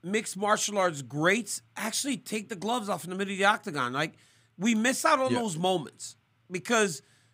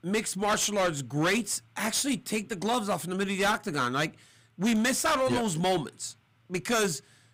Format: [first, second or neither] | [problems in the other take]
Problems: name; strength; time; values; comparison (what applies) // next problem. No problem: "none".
first | distortion; heavy; 12% of the sound clipped